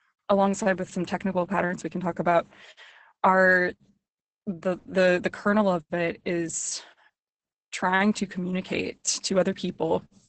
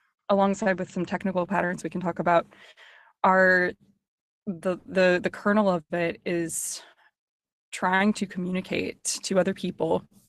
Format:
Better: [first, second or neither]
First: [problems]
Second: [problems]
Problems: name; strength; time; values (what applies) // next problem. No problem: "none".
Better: second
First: garbled, watery; badly; nothing above 8 kHz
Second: garbled, watery; slightly; nothing above 14 kHz